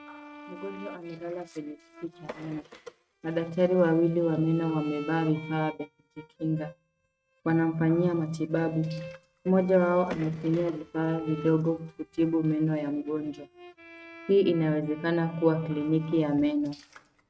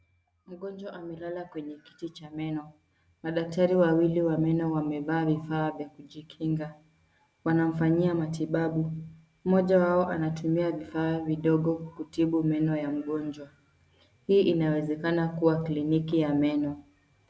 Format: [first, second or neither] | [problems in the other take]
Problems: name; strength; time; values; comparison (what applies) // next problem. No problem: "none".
second | noise reduction (neural mask model RNNoise)